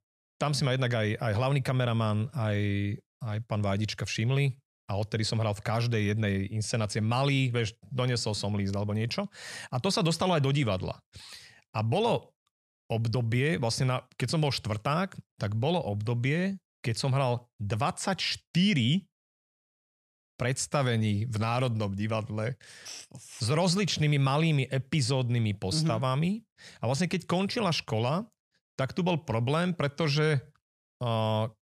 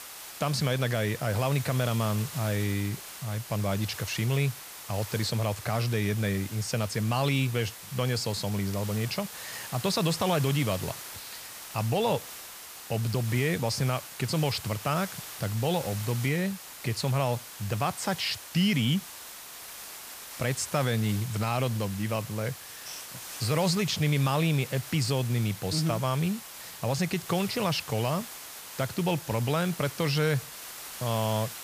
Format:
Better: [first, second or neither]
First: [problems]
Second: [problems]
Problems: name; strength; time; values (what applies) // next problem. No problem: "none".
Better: first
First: none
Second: hiss; noticeable; throughout; 10 dB below the speech